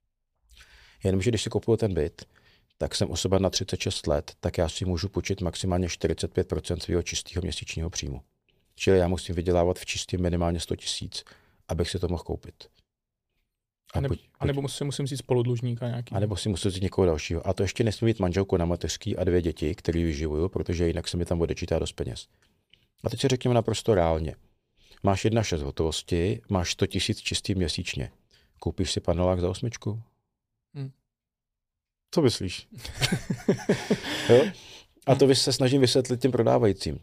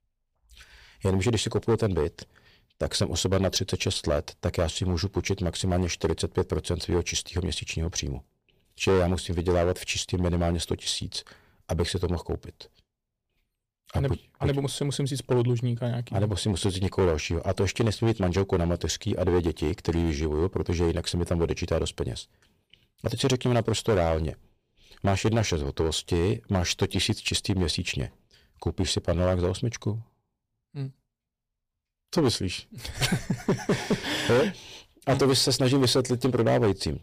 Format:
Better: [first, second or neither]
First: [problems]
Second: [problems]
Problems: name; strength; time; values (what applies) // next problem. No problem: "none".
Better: first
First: none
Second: distortion; slight; 5% of the sound clipped